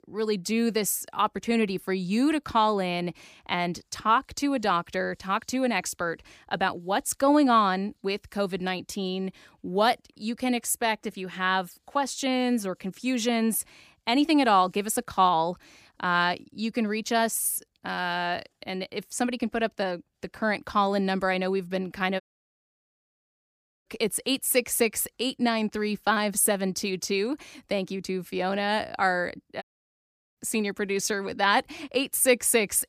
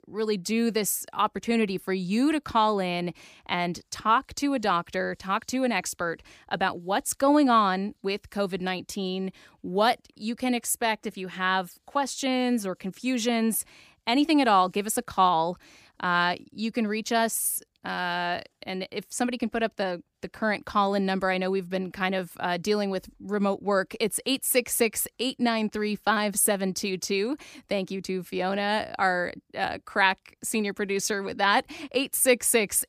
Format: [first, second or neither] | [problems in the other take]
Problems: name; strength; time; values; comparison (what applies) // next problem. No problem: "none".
second | audio cutting out; at 22 s for 1.5 s and at 30 s for 0.5 s